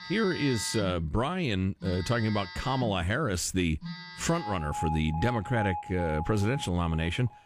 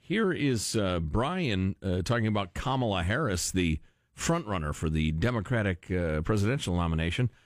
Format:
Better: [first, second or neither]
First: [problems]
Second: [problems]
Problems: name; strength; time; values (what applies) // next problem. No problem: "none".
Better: second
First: alarms or sirens; loud; throughout; 9 dB below the speech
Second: none